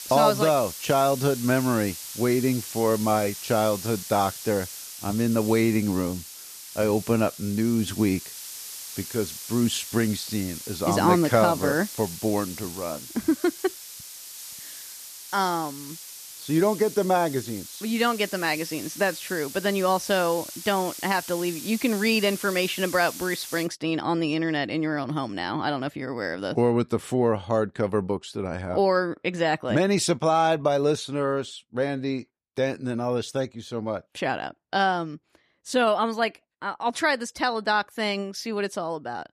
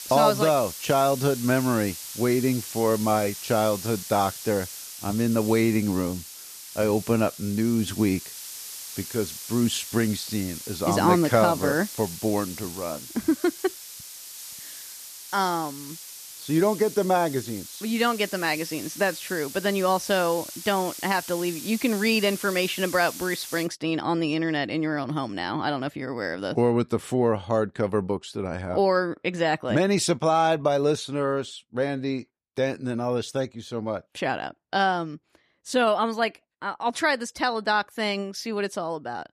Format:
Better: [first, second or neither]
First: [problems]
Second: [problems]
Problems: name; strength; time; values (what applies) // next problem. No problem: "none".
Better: neither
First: hiss; noticeable; until 24 s; 10 dB below the speech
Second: hiss; noticeable; until 24 s; 10 dB below the speech